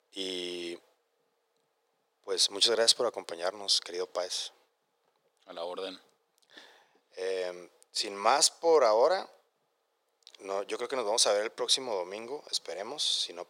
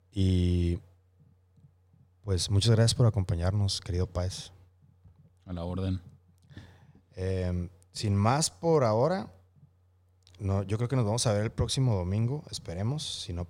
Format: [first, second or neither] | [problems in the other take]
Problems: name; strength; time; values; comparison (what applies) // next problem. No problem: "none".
second | thin; very; fading below 400 Hz